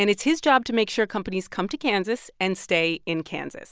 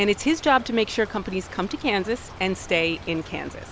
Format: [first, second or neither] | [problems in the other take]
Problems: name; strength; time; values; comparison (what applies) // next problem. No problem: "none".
first | background sound (Stream / Trickle, dribble); 16 dB below the speech